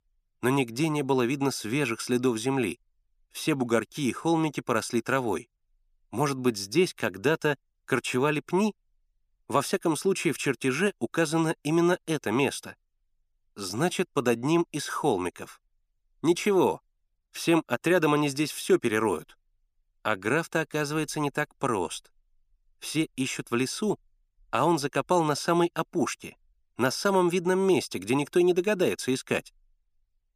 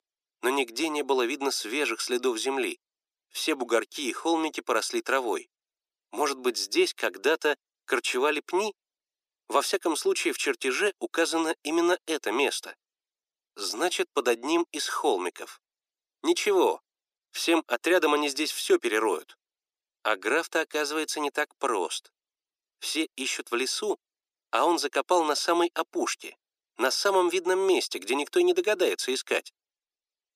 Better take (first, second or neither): first